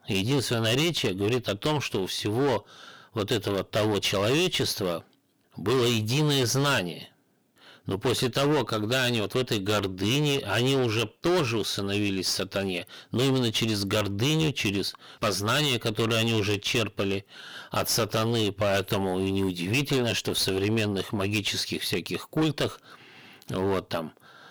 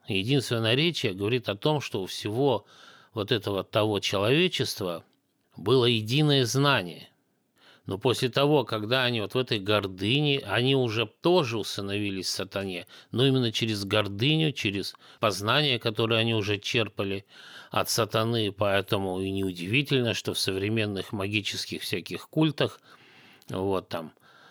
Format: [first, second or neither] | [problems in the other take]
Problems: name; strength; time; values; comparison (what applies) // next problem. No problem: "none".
second | distortion; heavy; 15% of the sound clipped